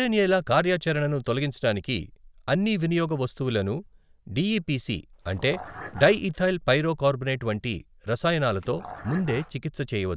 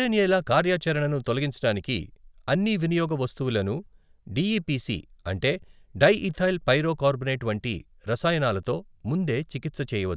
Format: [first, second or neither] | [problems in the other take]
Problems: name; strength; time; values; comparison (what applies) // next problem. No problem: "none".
second | background sound (Dog); 15 dB below the speech